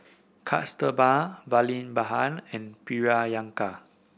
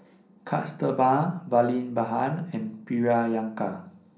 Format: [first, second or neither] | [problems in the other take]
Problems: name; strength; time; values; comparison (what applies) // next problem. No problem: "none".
first | room echo; dies away in 0.6 s